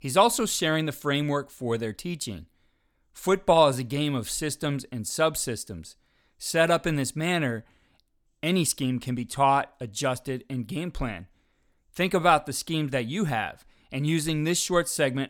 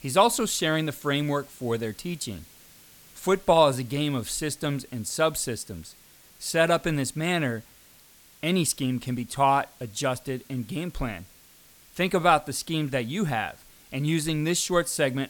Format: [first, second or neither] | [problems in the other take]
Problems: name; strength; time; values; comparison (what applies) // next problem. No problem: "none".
first | hiss; faint; throughout; 25 dB below the speech